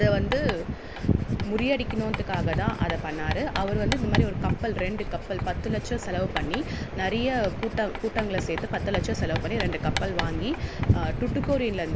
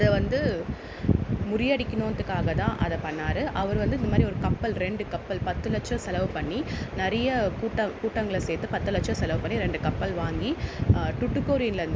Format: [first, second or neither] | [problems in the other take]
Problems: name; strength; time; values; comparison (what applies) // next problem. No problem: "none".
second | background sound (Writing); 9 dB below the speech